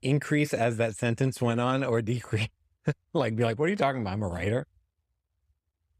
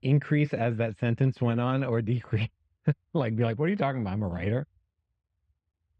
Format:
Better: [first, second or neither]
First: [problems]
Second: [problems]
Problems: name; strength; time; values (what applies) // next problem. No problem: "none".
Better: first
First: none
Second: muffled; slightly; fading above 3.5 kHz